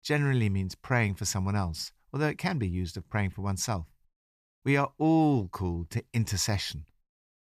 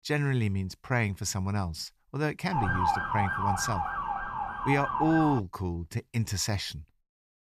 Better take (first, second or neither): first